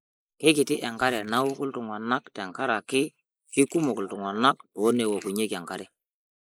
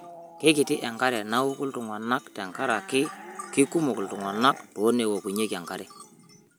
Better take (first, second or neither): second